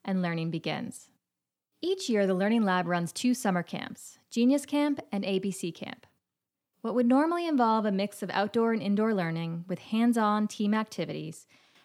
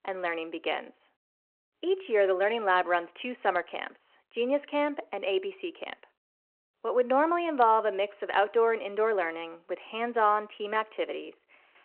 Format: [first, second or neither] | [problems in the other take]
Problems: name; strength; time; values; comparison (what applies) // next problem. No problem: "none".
first | phone-call audio